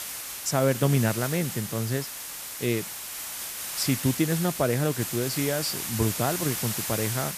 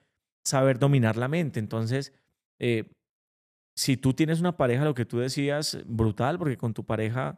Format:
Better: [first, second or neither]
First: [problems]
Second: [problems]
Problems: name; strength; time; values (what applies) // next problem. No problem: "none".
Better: second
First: hiss; loud; throughout; 4 dB below the speech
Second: none